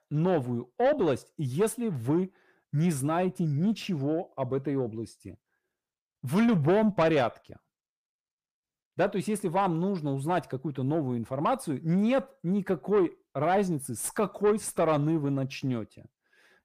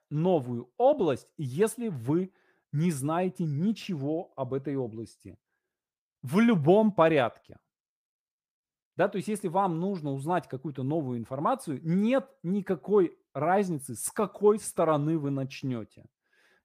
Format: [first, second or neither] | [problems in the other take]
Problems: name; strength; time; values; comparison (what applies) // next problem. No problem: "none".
second | distortion; slight; 10 dB below the speech